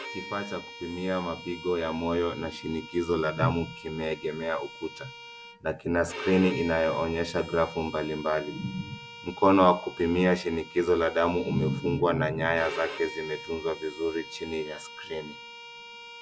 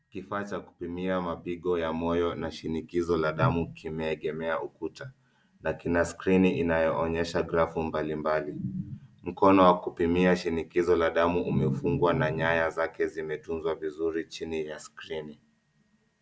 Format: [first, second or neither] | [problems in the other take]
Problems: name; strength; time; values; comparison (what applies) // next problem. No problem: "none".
second | background sound (Bowed string instrument); 15 dB below the speech